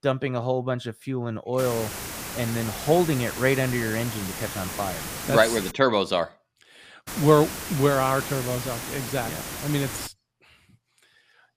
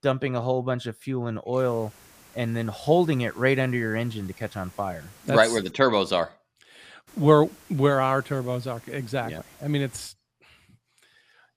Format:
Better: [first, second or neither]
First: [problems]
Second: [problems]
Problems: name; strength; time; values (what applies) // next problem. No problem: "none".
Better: second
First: hiss; loud; from 1.5 to 5.5 s and from 7 to 10 s; 8 dB below the speech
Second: hiss; faint; from 1.5 to 5.5 s and from 7 to 10 s; 25 dB below the speech